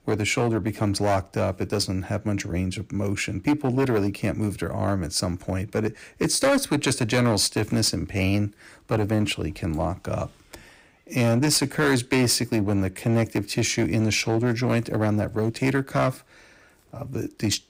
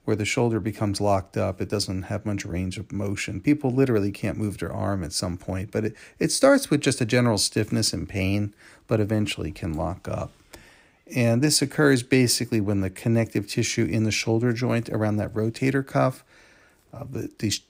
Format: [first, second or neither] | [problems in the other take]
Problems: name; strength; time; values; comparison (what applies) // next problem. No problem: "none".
second | distortion; slight; 7% of the sound clipped